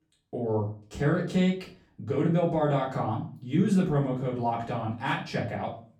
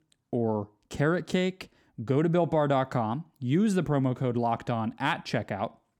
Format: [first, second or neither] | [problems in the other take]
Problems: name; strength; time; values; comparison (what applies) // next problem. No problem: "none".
second | off-mic speech; far // room echo; slight; dies away in 0.4 s